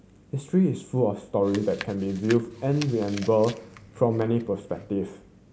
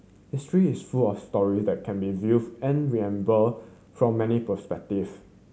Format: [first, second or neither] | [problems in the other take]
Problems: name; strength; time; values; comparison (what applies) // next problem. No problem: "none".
second | background sound (Chewing, mastication); 17 dB below the speech